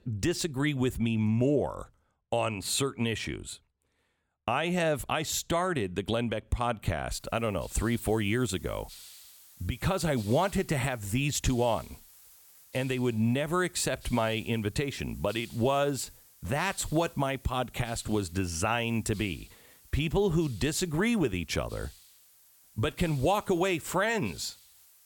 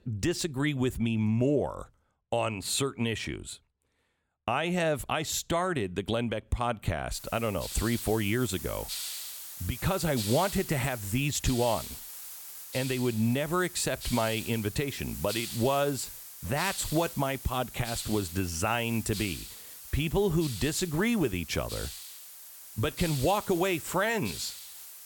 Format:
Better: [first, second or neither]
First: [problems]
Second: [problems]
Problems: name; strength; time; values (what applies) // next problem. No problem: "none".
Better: first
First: hiss; faint; from 7 s on; 20 dB below the speech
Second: hiss; loud; from 7 s on; 9 dB below the speech